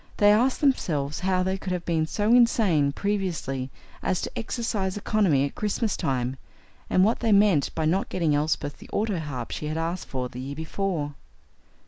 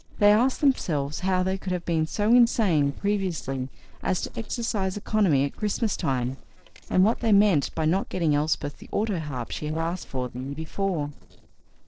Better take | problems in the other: first | noise reduction (neural separator model SepFormer DNS4)

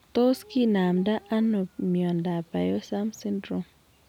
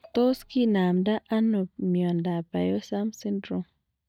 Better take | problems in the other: first | noise reduction (neural mask model DeepFilterNet 3)

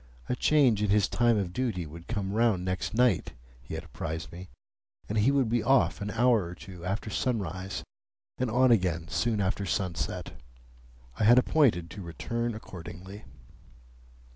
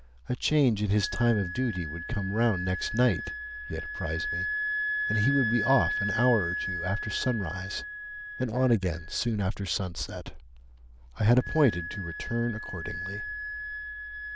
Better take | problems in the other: first | noise reduction (neural diffusion model UNIVERSE++)

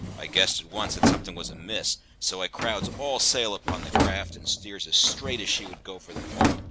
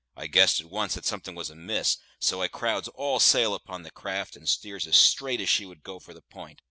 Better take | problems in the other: second | background sound (Drawer open or close); 1 dB below the speech

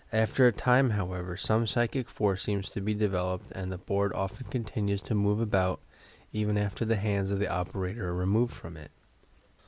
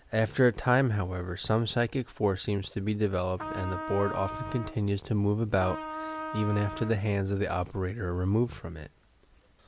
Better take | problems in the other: first | background sound (Trumpet); 9 dB below the speech

